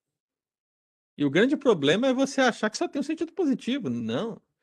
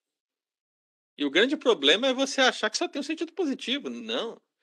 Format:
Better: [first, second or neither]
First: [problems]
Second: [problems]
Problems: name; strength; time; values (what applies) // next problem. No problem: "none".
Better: first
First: none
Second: thin; very slightly; fading below 250 Hz